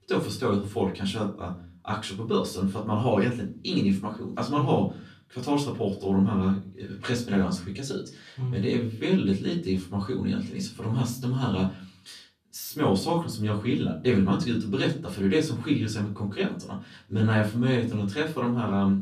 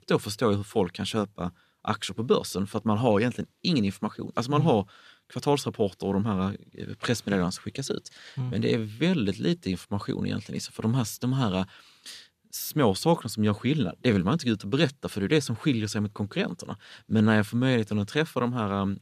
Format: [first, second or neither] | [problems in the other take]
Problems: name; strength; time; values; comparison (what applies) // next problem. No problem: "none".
second | room echo; slight; dies away in 0.3 s // off-mic speech; far